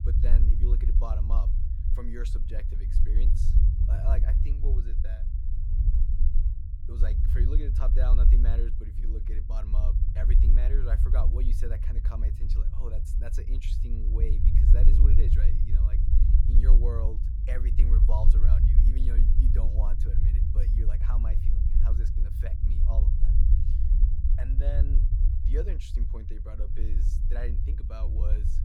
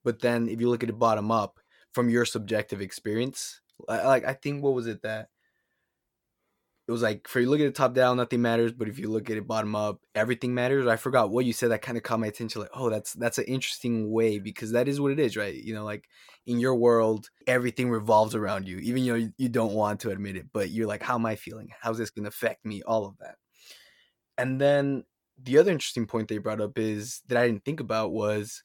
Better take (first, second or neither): second